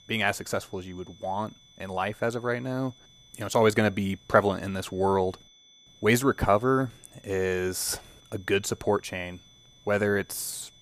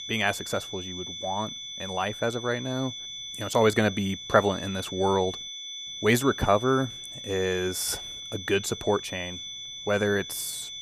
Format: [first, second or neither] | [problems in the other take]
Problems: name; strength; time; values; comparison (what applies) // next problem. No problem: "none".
first | high-pitched whine; loud; throughout; 3.5 kHz, 9 dB below the speech; faint in the first